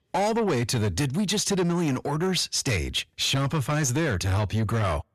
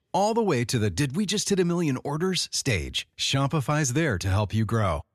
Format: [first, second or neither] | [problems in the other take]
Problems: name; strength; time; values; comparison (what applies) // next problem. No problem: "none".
second | distortion; slight; 10 dB below the speech